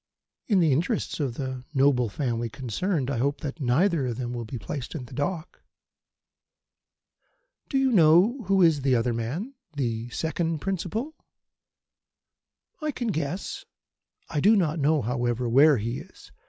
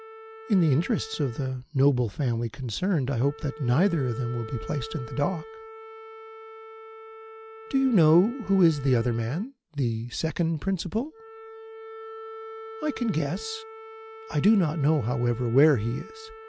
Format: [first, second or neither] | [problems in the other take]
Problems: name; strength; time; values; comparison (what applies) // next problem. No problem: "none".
first | background sound (Wind instrument, woodwind instrument); 16 dB below the speech